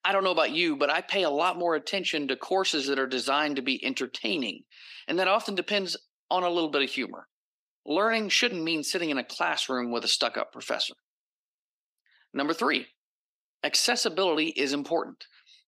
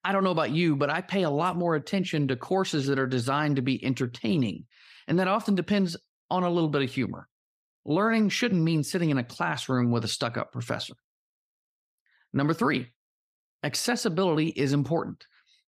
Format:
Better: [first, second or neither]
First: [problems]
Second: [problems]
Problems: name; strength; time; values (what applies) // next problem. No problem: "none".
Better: second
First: thin; somewhat; fading below 300 Hz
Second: none